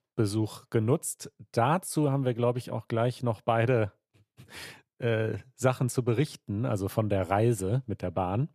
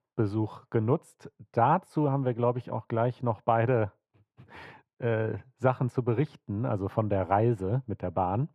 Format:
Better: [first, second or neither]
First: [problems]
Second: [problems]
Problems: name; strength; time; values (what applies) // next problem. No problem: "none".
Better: first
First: none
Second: muffled; very; fading above 4 kHz